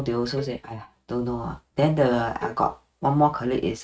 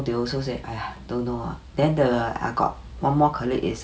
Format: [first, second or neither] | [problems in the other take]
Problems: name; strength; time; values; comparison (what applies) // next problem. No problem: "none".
second | noise reduction (neural mask model RNNoise)